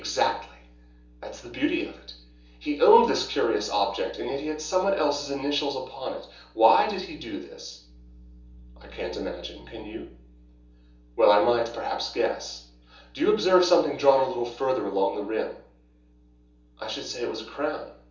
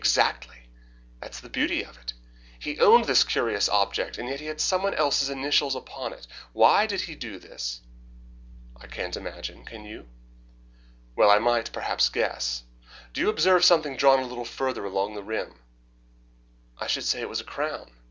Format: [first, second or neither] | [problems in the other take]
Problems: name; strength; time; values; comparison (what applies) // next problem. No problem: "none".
second | room echo; dies away in 1.2 s